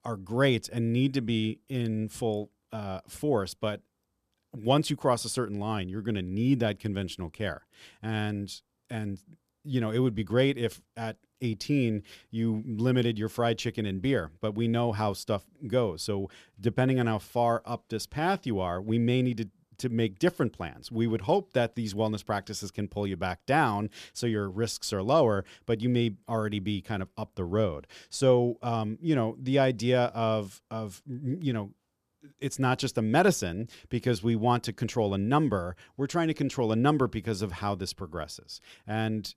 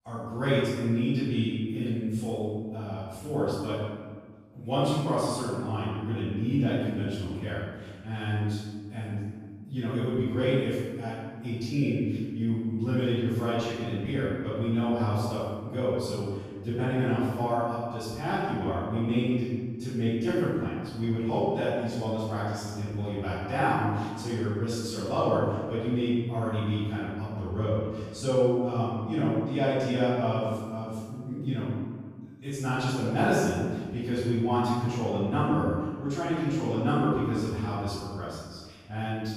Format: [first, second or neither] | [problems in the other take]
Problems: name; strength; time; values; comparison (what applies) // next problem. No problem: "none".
first | off-mic speech; far // room echo; strong; dies away in 1.4 s